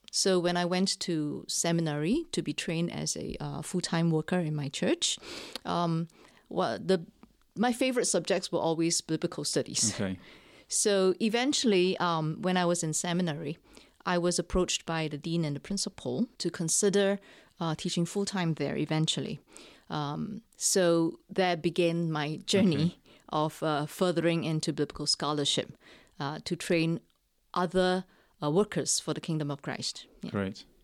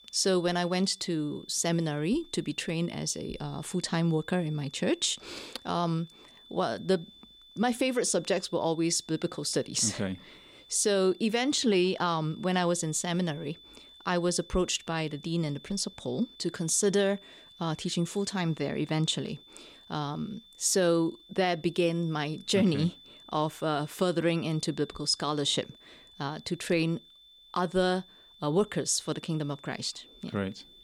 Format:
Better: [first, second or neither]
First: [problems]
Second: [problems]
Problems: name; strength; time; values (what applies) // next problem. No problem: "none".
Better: first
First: none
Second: high-pitched whine; faint; throughout; 3.5 kHz, 20 dB below the speech